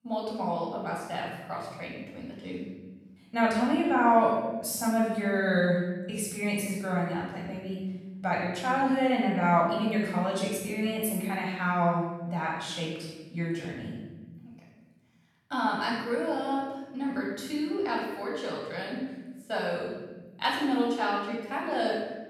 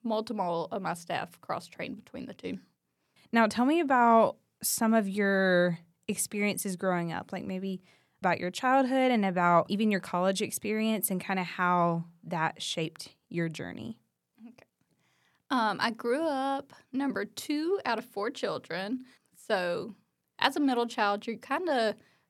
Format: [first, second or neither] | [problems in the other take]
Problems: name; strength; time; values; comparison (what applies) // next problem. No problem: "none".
second | off-mic speech; far // room echo; noticeable; dies away in 1.4 s